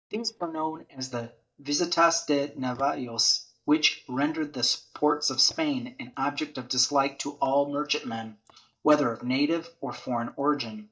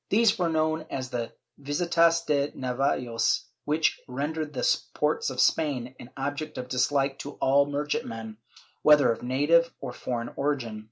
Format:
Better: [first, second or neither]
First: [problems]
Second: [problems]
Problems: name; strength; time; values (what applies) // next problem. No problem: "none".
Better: second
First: noise reduction (neural mask model DeepFilterNet 3)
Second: none